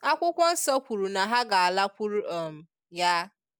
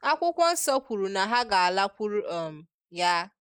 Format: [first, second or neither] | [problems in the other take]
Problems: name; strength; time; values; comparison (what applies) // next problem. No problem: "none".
first | noise reduction (neural mask model Resemble Enhance denoiser)